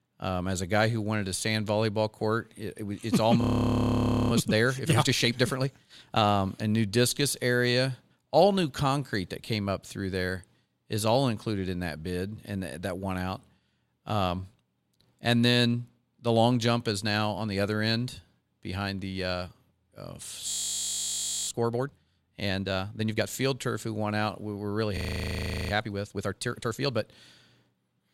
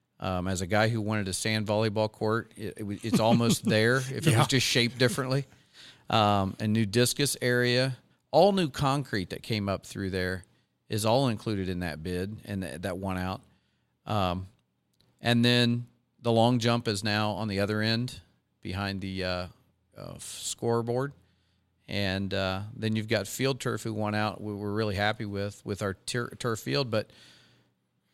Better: second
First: audio freezing; at 3.5 s for 1 s, at 20 s for 1 s and at 25 s for 0.5 s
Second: none

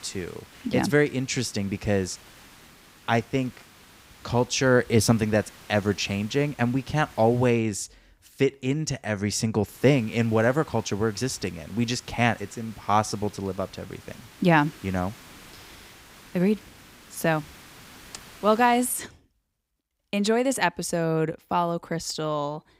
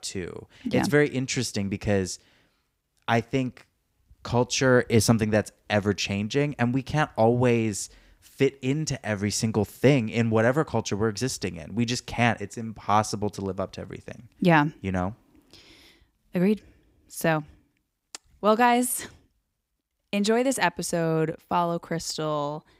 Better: second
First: hiss; faint; until 7.5 s and from 9.5 to 19 s; 25 dB below the speech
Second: none

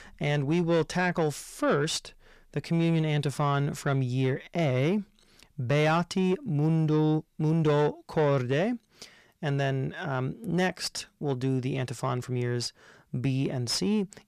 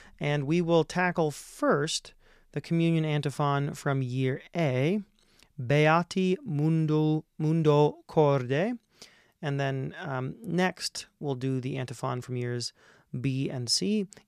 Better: second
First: distortion; slight; 10 dB below the speech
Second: none

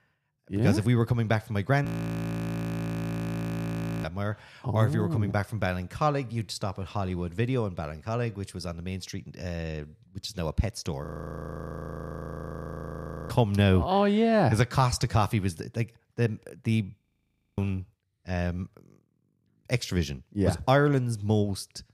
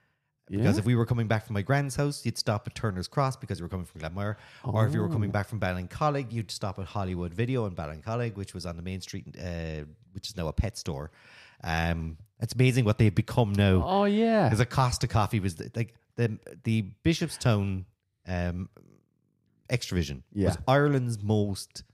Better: second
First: audio freezing; at 2 s for 2 s, at 11 s for 2 s and at 17 s for 0.5 s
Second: none

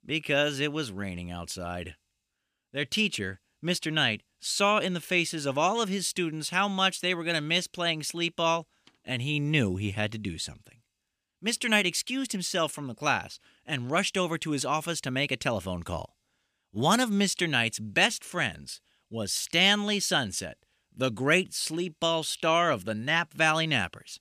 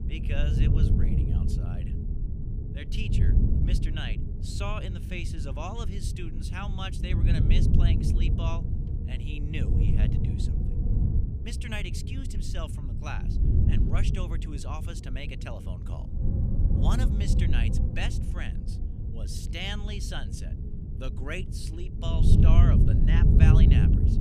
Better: first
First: none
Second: wind noise on the microphone; heavy; 1 dB below the speech

